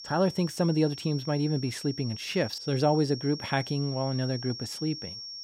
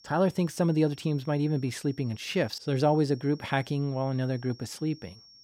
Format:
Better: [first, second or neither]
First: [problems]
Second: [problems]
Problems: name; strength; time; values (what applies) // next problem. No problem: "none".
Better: second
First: high-pitched whine; loud; throughout; 5.5 kHz, 10 dB below the speech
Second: high-pitched whine; faint; throughout; 5.5 kHz, 25 dB below the speech